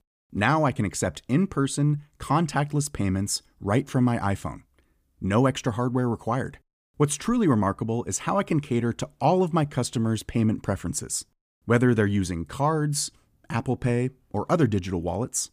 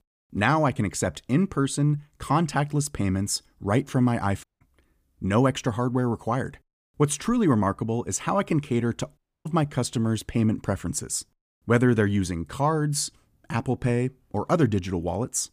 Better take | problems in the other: first | audio cutting out; at 4.5 s and at 9 s

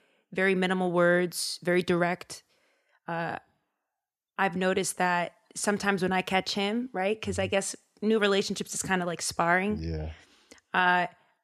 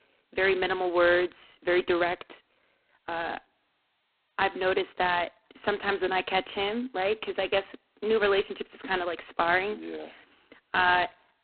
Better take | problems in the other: first | phone-call audio; poor line; nothing above 4 kHz

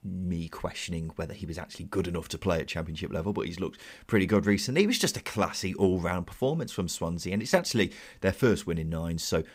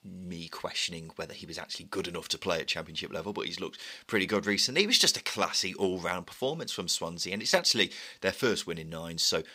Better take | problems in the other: first | thin; very slightly; fading below 450 Hz

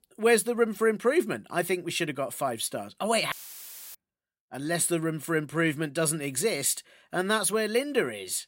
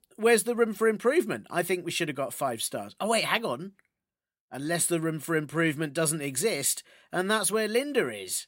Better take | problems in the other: second | audio cutting out; filled with static; at 3.5 s for 0.5 s

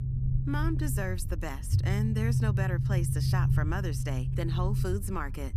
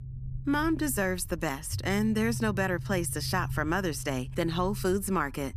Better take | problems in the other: second | low rumble; loud; throughout; 5 dB below the speech; faint in the second

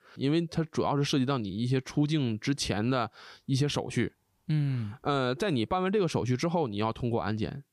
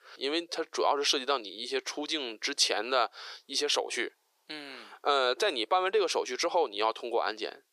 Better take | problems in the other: first | thin; very; fading below 400 Hz

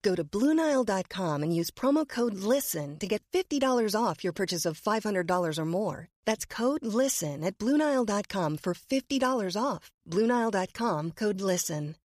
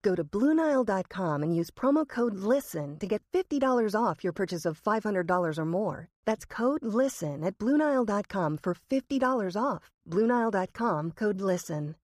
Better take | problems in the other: first | muffled; slightly; fading above 2 kHz

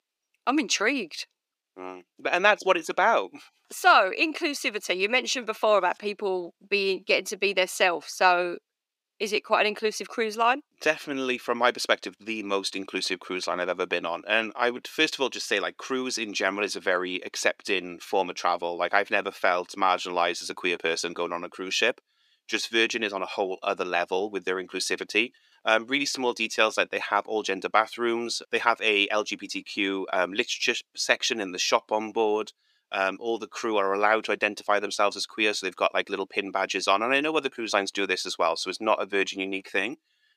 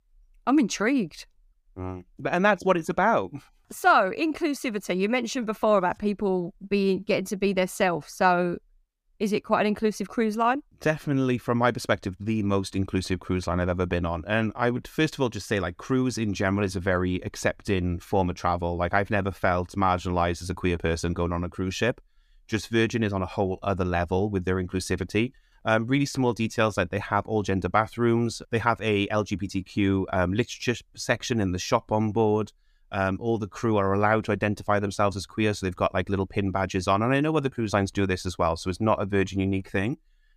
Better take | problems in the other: second | thin; somewhat; fading below 350 Hz

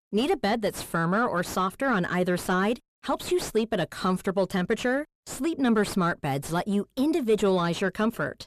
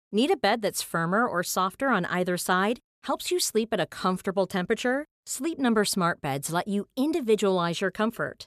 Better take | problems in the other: second | distortion; slight; 9 dB below the speech

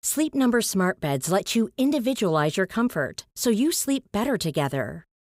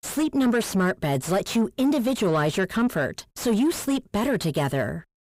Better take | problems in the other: first | distortion; slight; 10 dB below the speech

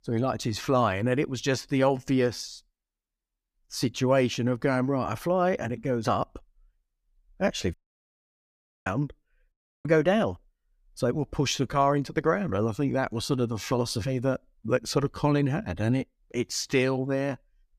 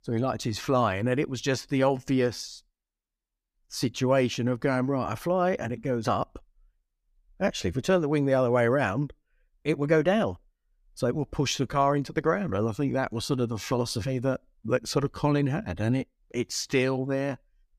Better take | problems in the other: second | audio cutting out; at 7.5 s for 1 s and at 9.5 s

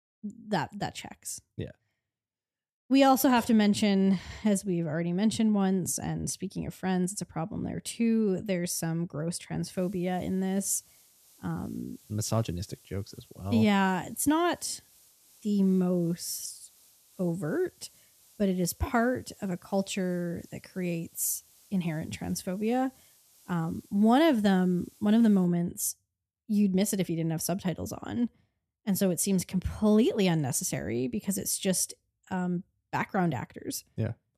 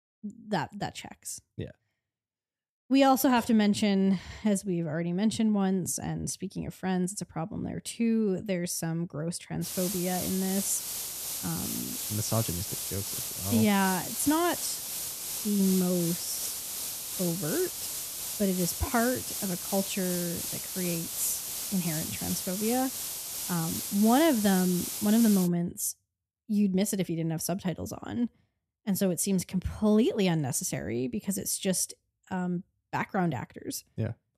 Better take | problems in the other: first | hiss; loud; from 9.5 to 25 s; 3 dB below the speech; faint in the first

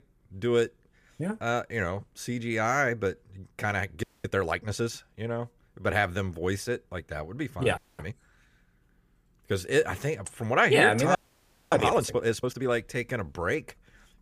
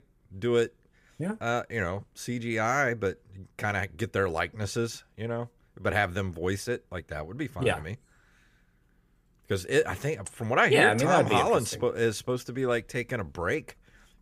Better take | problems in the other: second | audio freezing; at 4 s, at 8 s and at 11 s for 0.5 s

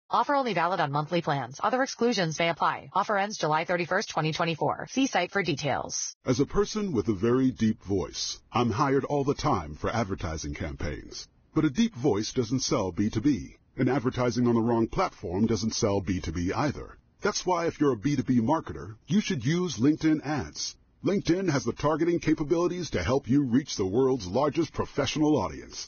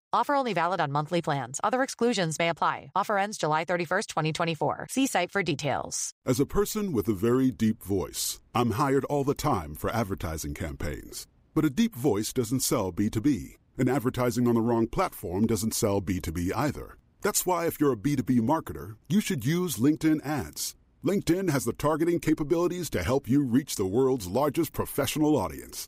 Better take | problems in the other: second | garbled, watery; badly; nothing above 6.5 kHz

